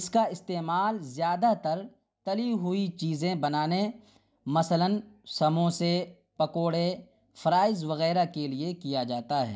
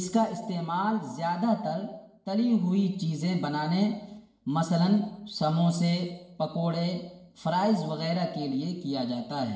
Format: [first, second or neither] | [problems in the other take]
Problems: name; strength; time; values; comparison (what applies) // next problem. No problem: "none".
first | room echo; dies away in 0.8 s